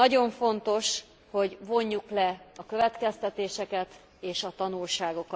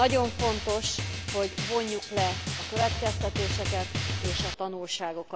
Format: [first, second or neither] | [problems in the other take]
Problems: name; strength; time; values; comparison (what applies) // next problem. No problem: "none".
first | background sound (Drum); 2 dB below the speech